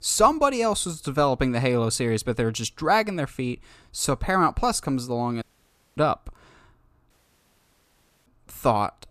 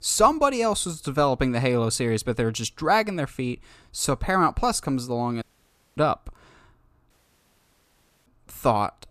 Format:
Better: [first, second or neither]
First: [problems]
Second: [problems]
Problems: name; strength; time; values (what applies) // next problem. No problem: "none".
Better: neither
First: audio cutting out; at 5.5 s for 0.5 s and at 7 s for 1 s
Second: audio cutting out; at 5.5 s for 0.5 s and at 7 s for 1 s